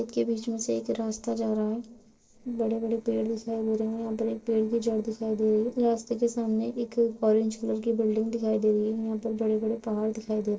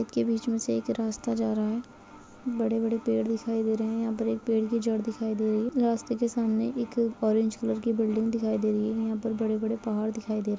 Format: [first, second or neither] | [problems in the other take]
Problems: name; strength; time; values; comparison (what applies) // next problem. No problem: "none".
second | noise reduction (neural separator model SepFormer DNS4)